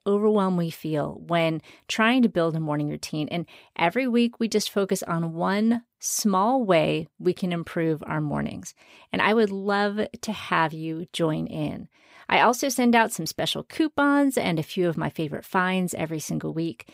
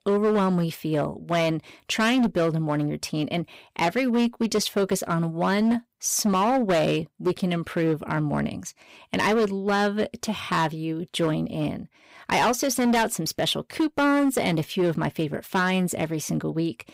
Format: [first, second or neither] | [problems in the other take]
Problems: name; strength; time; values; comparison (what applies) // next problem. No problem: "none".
first | distortion; slight; 10% of the sound clipped